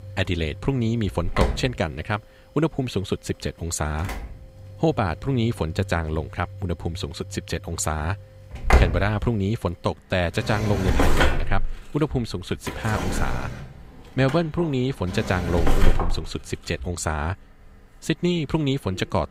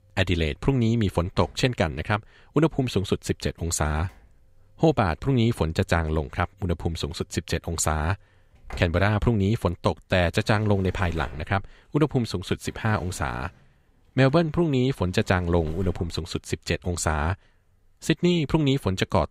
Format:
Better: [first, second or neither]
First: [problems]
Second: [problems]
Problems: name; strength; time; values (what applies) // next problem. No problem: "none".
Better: second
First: household noises; loud; throughout; 3 dB below the speech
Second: household noises; faint; throughout; 25 dB below the speech